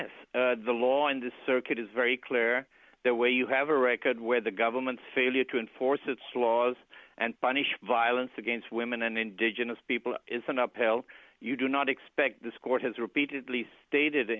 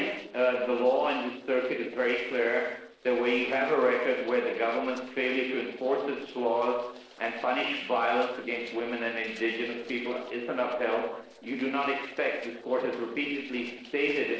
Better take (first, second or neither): first